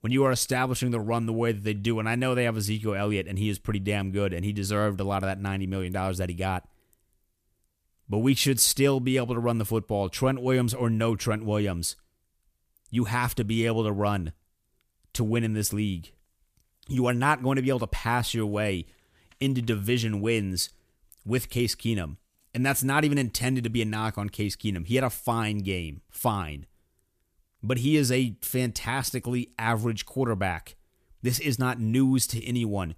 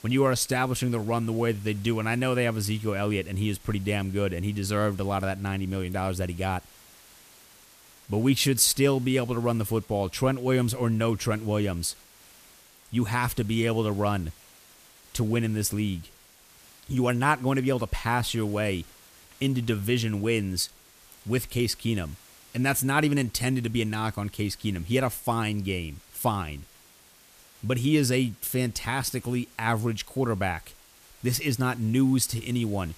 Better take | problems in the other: first | hiss; faint; throughout; 25 dB below the speech

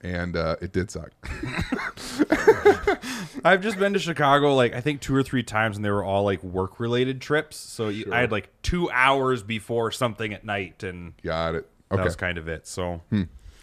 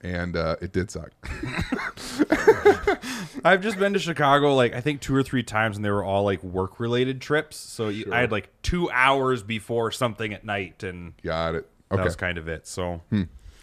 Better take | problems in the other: neither | none

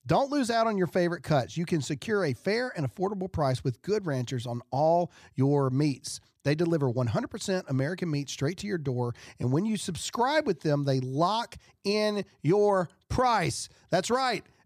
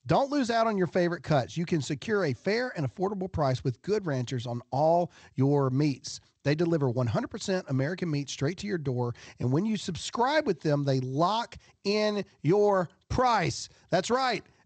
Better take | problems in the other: first | garbled, watery; slightly; nothing above 8 kHz

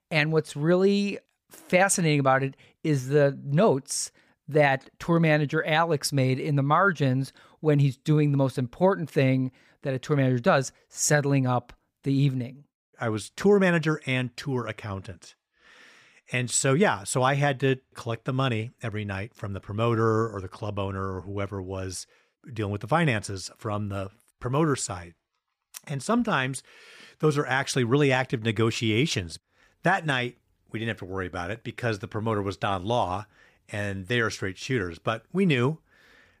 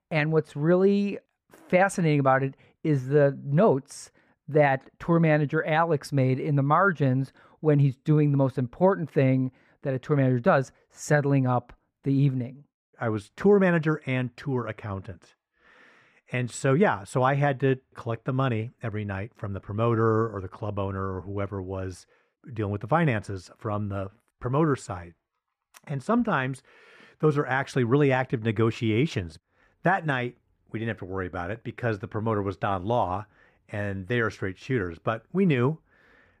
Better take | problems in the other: first | muffled; slightly; fading above 2.5 kHz

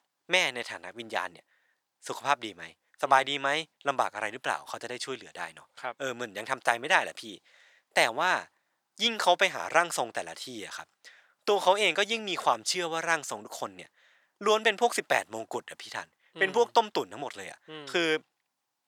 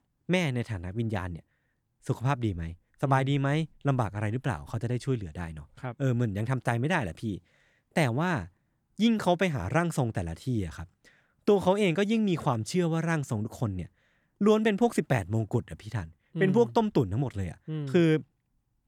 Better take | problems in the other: second | thin; very; fading below 750 Hz

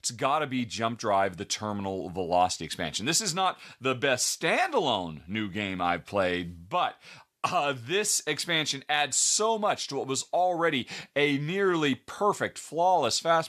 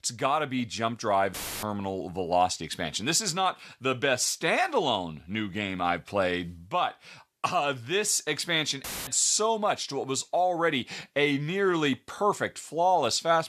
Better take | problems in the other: first | audio cutting out; filled with static; at 1.5 s and at 9 s

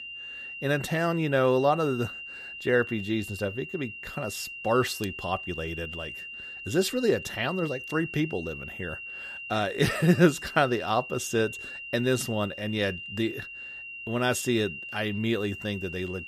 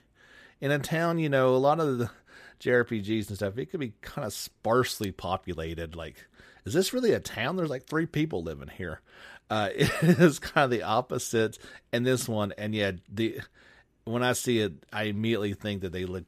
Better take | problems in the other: second | high-pitched whine; loud; throughout; 3 kHz, 10 dB below the speech

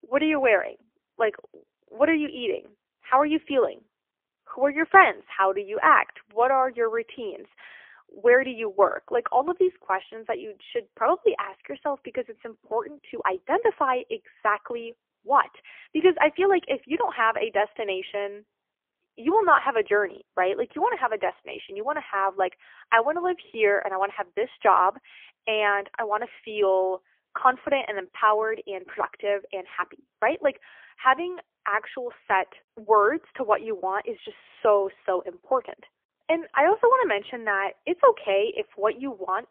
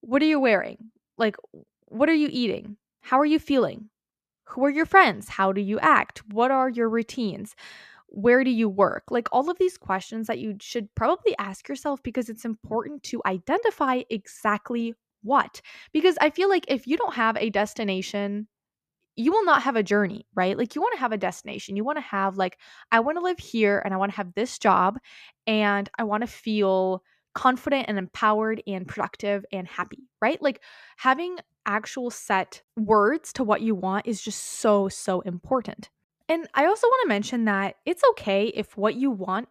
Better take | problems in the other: second | phone-call audio; poor line; nothing above 3 kHz

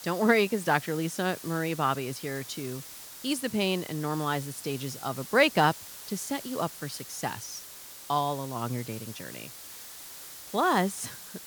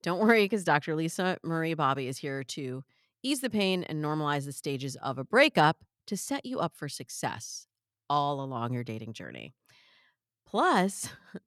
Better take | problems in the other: second | hiss; noticeable; throughout; 10 dB below the speech

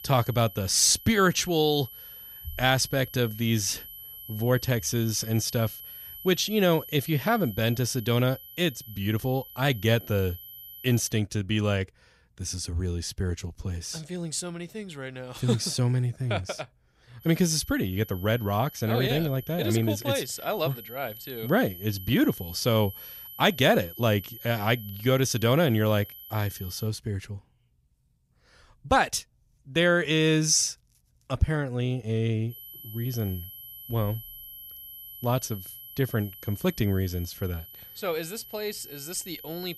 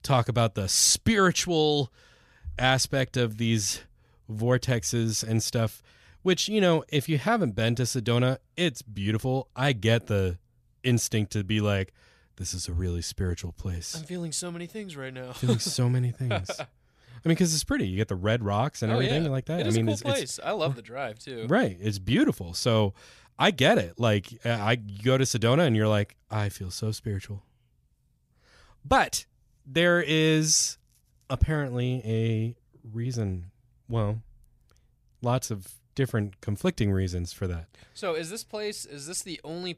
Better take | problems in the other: second | high-pitched whine; noticeable; until 11 s, from 17 to 27 s and from 33 s on; 12 kHz, 15 dB below the speech

